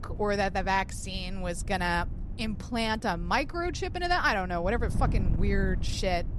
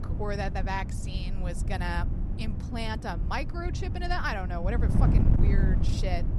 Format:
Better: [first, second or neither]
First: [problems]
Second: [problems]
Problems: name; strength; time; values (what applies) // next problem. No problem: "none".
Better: first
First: wind noise on the microphone; occasional gusts; 20 dB below the speech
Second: wind noise on the microphone; heavy; 7 dB below the speech